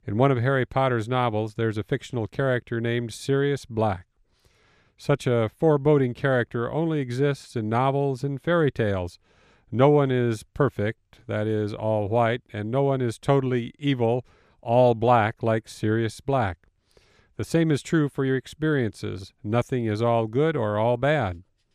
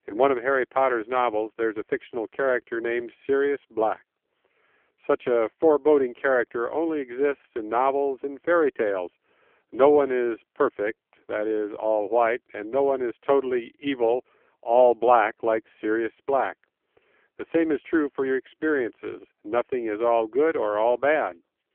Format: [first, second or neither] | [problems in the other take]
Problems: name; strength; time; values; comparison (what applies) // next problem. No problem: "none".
first | phone-call audio; poor line; nothing above 3.5 kHz